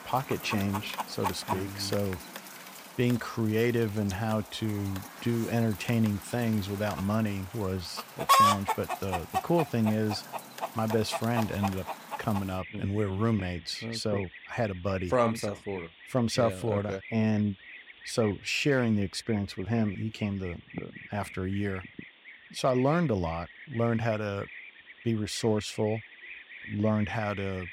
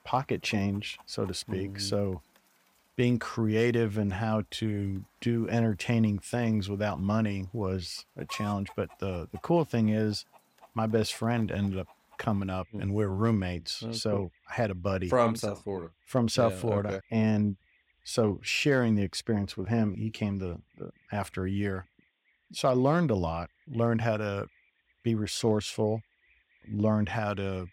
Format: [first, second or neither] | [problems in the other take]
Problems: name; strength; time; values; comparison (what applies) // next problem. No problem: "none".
second | animal sounds; loud; throughout; 6 dB below the speech; faint in the second